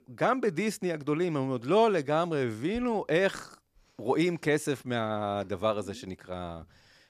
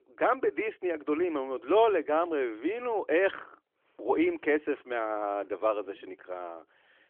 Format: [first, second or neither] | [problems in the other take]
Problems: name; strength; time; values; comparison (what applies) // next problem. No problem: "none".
first | phone-call audio; nothing above 3.5 kHz